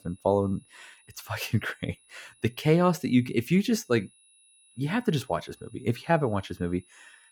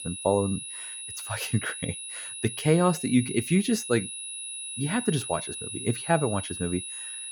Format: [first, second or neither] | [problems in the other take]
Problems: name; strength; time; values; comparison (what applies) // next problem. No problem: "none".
first | high-pitched whine; loud; throughout; 10.5 kHz, 7 dB below the speech; faint in the first